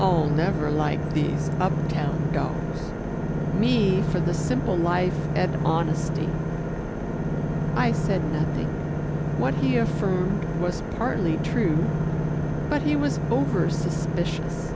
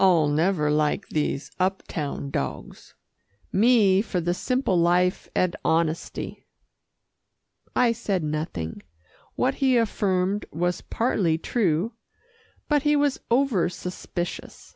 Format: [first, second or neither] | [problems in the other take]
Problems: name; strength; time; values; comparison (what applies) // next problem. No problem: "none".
second | background sound (Engine / Boat, Water vehicle); 2 dB above the speech